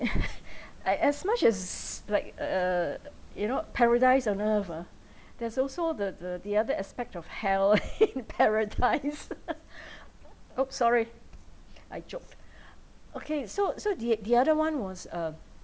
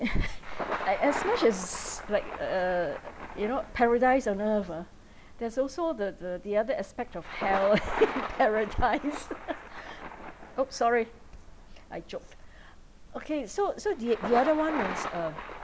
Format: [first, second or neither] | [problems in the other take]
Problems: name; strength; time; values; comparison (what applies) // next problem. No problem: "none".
first | background sound (Thunder); 10 dB below the speech